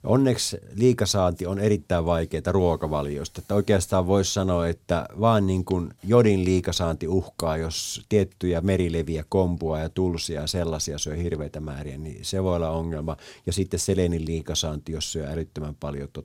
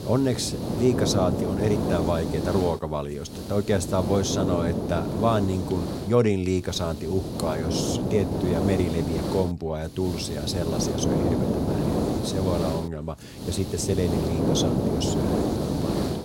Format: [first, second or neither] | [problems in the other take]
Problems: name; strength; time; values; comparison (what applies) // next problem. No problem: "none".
first | hiss; loud; throughout; as loud as the speech